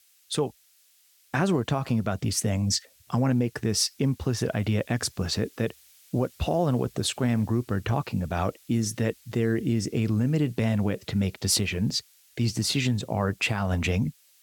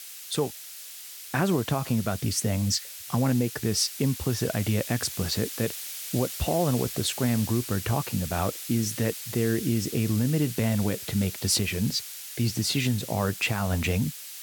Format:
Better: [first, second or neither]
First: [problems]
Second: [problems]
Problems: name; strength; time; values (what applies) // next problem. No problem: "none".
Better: first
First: hiss; faint; throughout; 30 dB below the speech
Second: hiss; loud; throughout; 8 dB below the speech